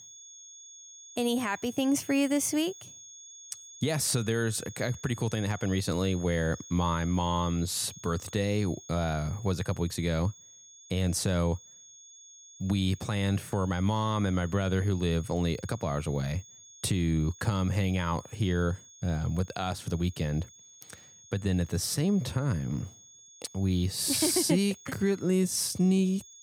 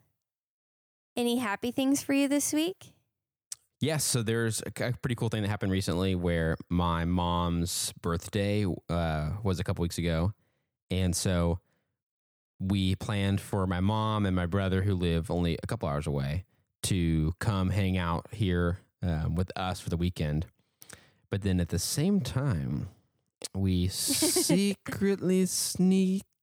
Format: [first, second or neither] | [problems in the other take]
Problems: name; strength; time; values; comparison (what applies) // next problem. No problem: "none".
second | high-pitched whine; noticeable; throughout; 6.5 kHz, 20 dB below the speech